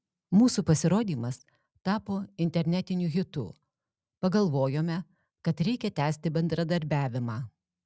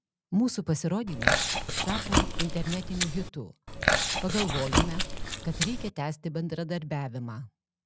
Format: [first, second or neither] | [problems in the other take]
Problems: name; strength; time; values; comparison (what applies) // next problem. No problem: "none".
first | background sound (Chewing, mastication); 4 dB above the speech